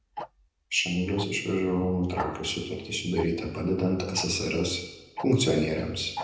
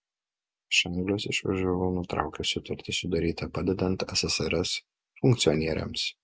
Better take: second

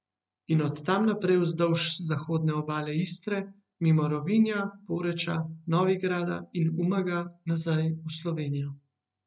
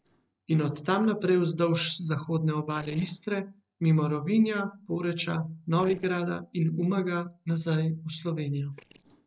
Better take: first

